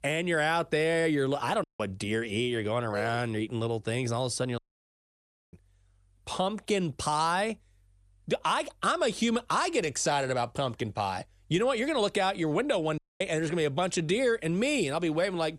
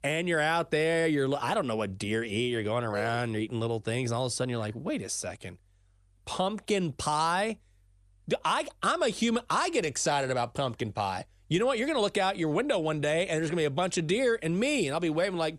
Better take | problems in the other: second | audio cutting out; at 1.5 s, at 4.5 s for 1 s and at 13 s

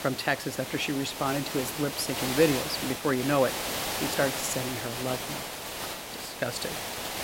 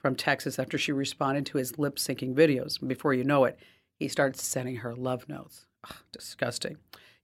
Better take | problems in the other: second | hiss; loud; throughout; 3 dB below the speech

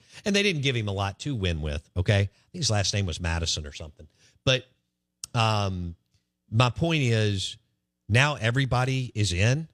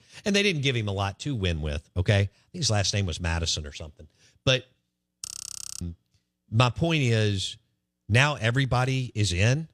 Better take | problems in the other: first | audio freezing; at 5.5 s for 0.5 s

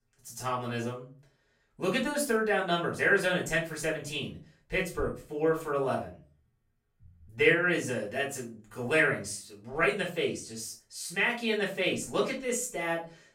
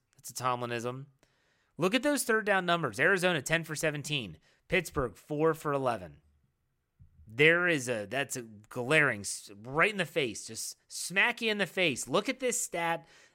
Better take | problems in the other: second | off-mic speech; far // room echo; slight; dies away in 0.3 s

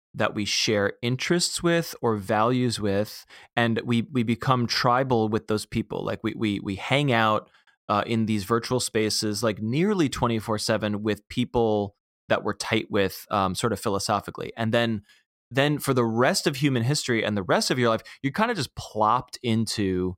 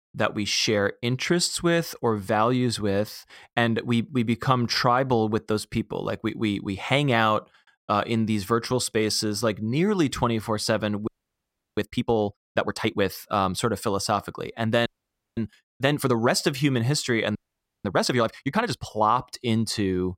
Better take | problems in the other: first | audio freezing; at 11 s for 0.5 s, at 15 s for 0.5 s and at 17 s for 0.5 s

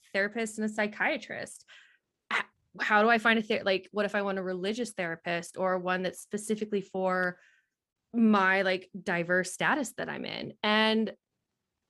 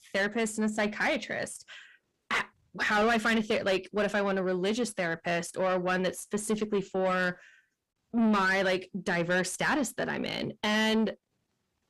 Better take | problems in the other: first | distortion; heavy; 8 dB below the speech

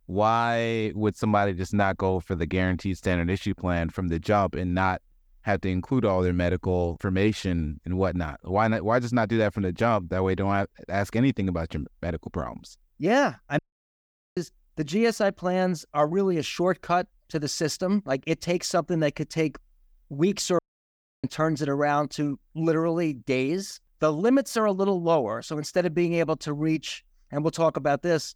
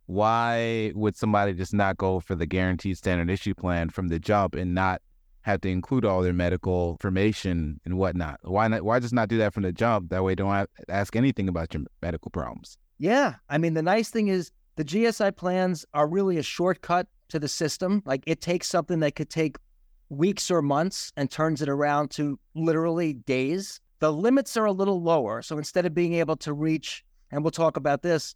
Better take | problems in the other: second | audio cutting out; at 14 s for 1 s and at 21 s for 0.5 s

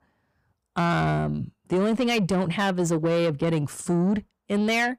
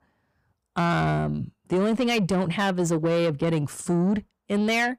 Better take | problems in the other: neither | distortion; slight; 10 dB below the speech; the same in both

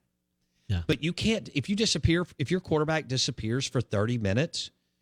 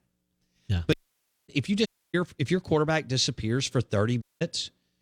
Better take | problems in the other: first | audio cutting out; at 1 s for 0.5 s, at 2 s and at 4 s

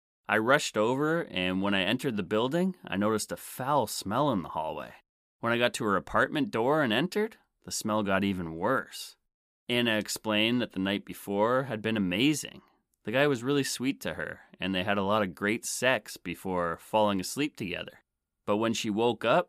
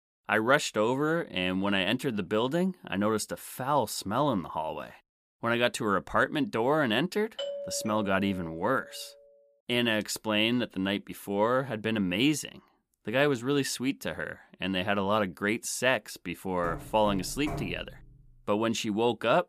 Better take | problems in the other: first | doorbell; noticeable; from 7.5 to 9 s; peak 7 dB below the speech // door banging; noticeable; from 17 to 18 s; peak 9 dB below the speech

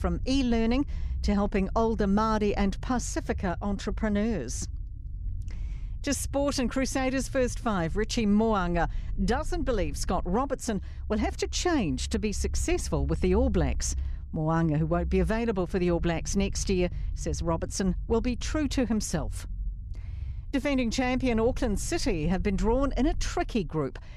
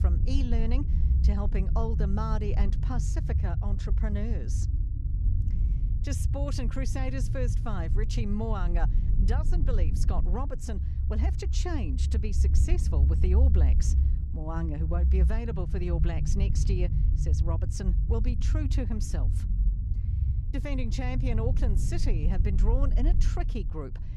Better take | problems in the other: first | low rumble; loud; throughout; 6 dB below the speech; faint in the first

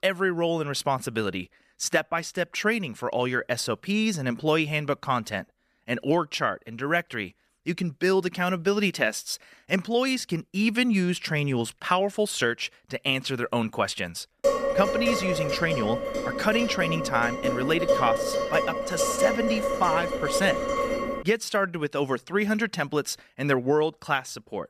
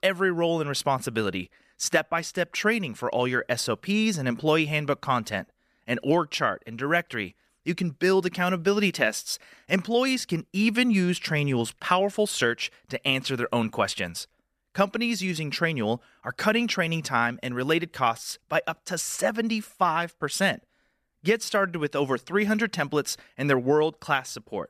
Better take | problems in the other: second | clattering dishes; loud; from 14 to 21 s; peak 3 dB above the speech

